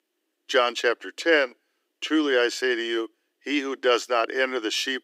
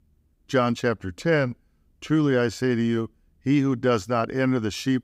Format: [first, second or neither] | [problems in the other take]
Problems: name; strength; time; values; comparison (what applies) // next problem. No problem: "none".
second | thin; somewhat; fading below 300 Hz